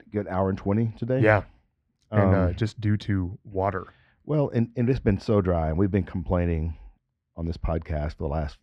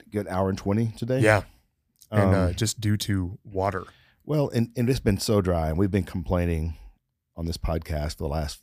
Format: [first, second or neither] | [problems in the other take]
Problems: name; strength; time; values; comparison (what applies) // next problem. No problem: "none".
second | muffled; very; fading above 2.5 kHz